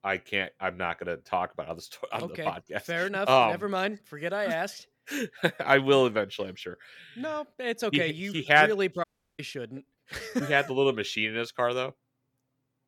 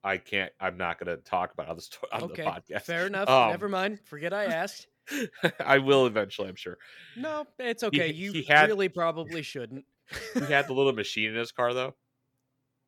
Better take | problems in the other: second | audio cutting out; at 9 s

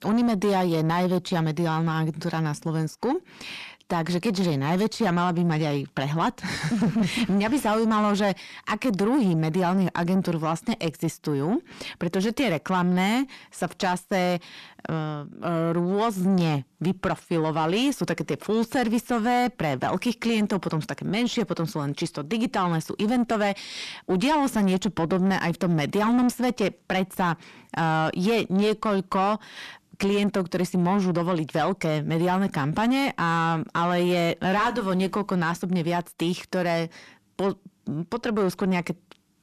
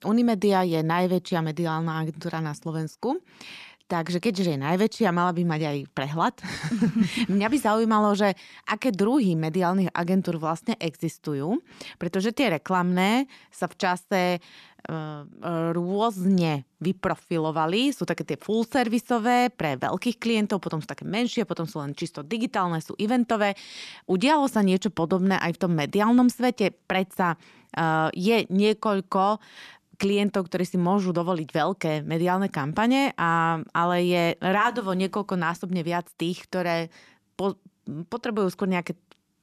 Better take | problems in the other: second | distortion; slight; 10 dB below the speech

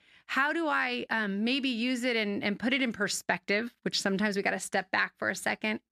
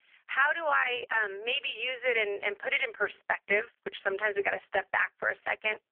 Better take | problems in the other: first | phone-call audio; poor line; nothing above 3 kHz

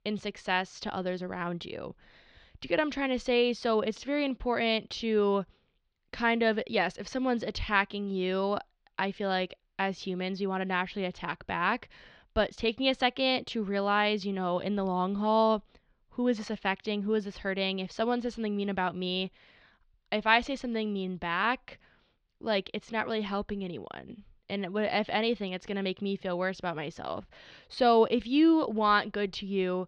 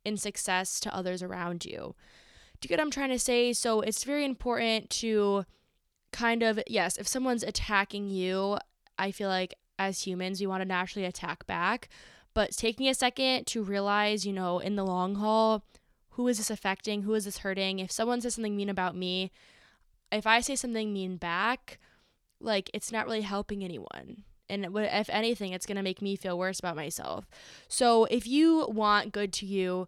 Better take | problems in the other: second | muffled; slightly; fading above 4 kHz

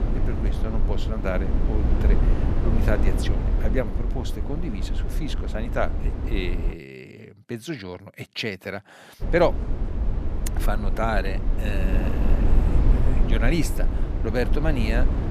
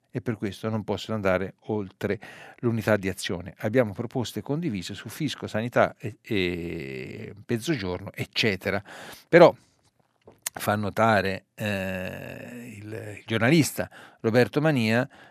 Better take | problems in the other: second | low rumble; loud; until 6.5 s and from 9 s on; 6 dB below the speech

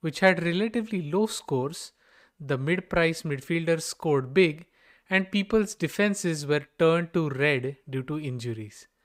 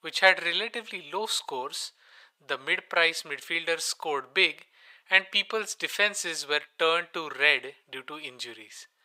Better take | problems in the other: first | thin; very; fading below 800 Hz

